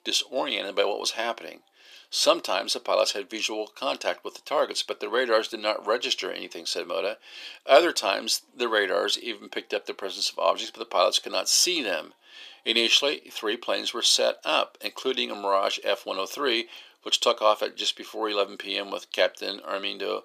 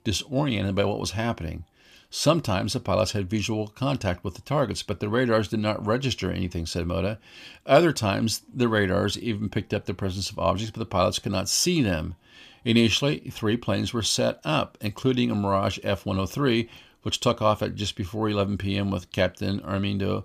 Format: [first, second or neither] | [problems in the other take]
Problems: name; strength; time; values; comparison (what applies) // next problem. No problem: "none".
second | thin; very; fading below 400 Hz